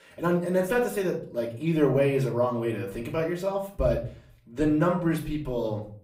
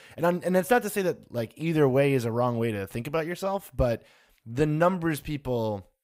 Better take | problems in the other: second | off-mic speech; far // room echo; slight; dies away in 0.4 s

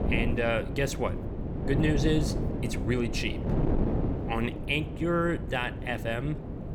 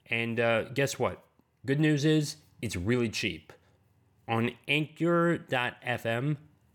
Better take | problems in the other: second | wind noise on the microphone; heavy; 7 dB below the speech

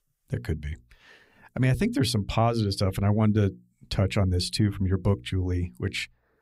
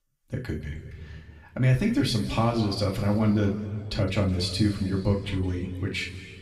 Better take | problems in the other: first | room echo; noticeable; dies away in 2.1 s // off-mic speech; far

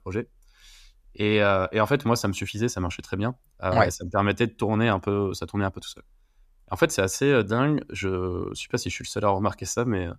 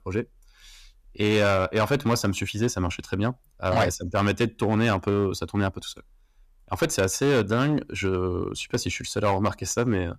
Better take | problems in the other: first | distortion; slight; 7% of the sound clipped

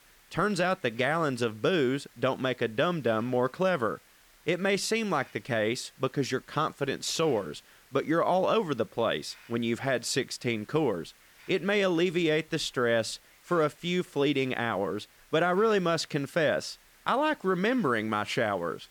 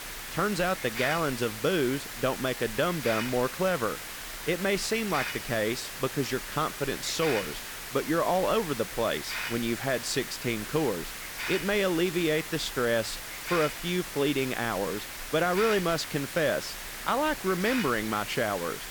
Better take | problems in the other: first | hiss; loud; throughout; 7 dB below the speech; faint in the first

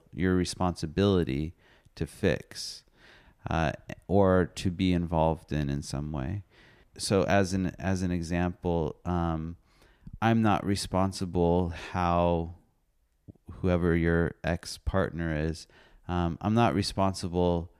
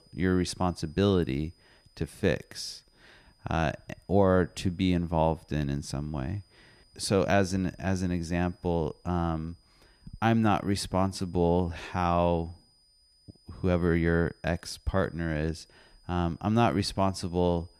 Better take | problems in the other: first | high-pitched whine; faint; throughout; 5 kHz, 35 dB below the speech

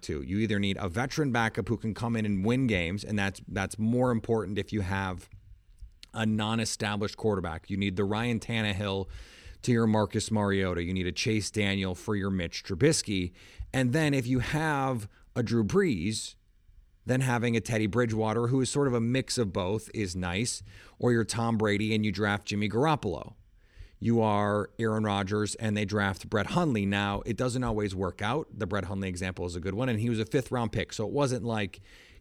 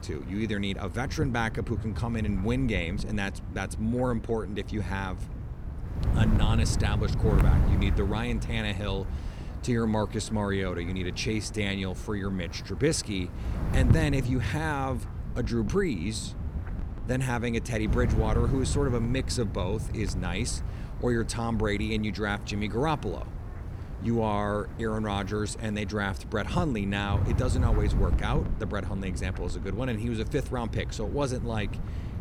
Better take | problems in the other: first | wind noise on the microphone; occasional gusts; 10 dB below the speech

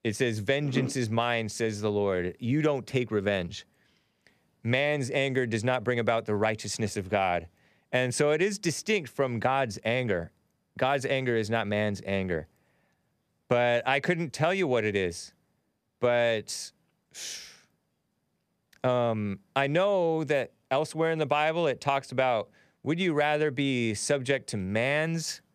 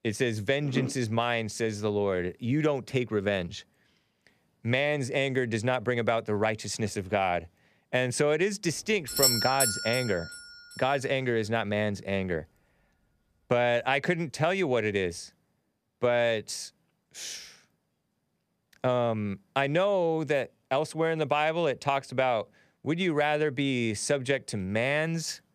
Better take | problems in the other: first | doorbell; loud; at 9 s; peak 6 dB above the speech

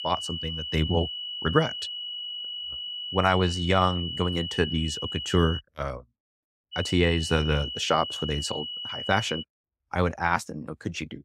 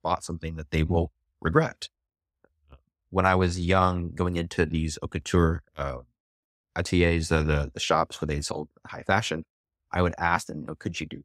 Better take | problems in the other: second | high-pitched whine; loud; until 5.5 s and from 6.5 to 9.5 s; 3 kHz, 5 dB below the speech

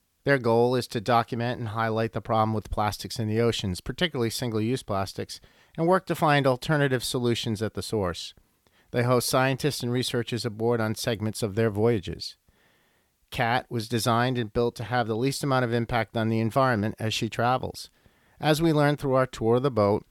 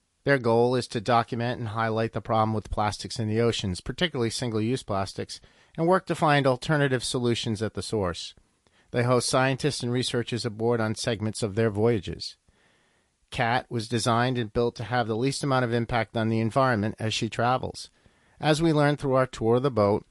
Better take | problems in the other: first | garbled, watery; slightly; nothing above 11 kHz

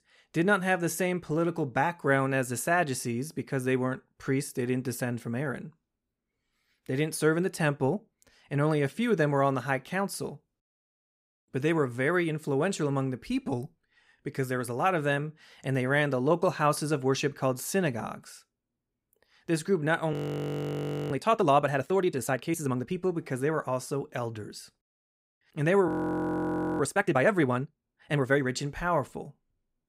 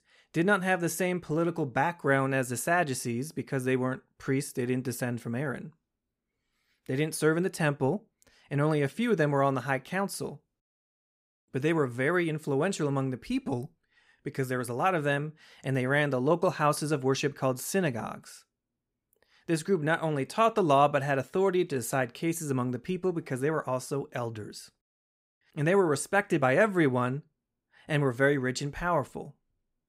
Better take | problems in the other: second | audio freezing; at 20 s for 1 s and at 26 s for 1 s

